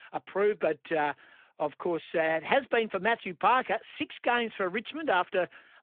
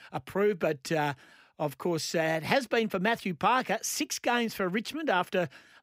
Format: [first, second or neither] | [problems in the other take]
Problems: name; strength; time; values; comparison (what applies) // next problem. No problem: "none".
second | phone-call audio